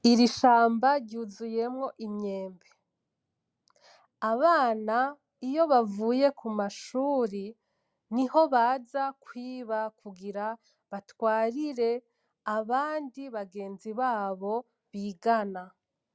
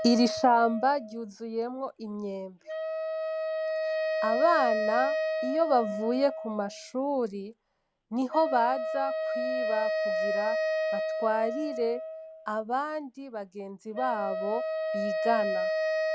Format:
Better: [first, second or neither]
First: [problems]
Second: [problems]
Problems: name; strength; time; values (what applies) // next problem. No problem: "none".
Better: first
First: none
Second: background sound (Wind instrument, woodwind instrument); 2 dB below the speech